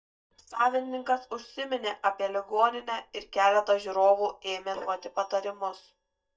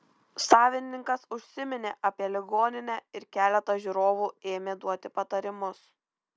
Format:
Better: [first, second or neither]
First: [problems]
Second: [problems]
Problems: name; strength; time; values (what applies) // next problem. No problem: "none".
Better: second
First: noise reduction (neural mask model DeepFilterNet 3)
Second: none